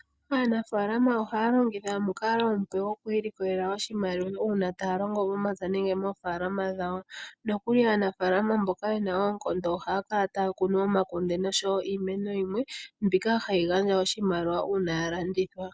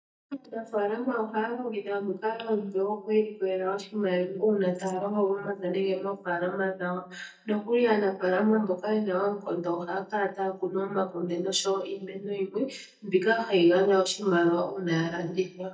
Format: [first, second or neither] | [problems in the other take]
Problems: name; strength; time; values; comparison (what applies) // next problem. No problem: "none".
first | noise reduction (neural mask model DeepFilterNet 3)